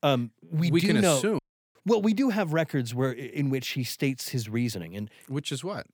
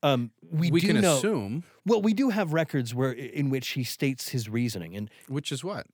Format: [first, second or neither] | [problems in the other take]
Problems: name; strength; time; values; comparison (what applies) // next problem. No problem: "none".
second | audio cutting out; at 1.5 s